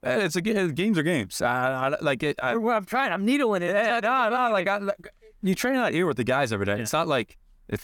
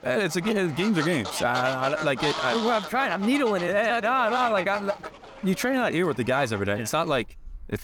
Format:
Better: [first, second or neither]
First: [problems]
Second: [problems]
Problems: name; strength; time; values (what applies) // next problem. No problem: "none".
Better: first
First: none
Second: animal sounds; loud; throughout; 10 dB below the speech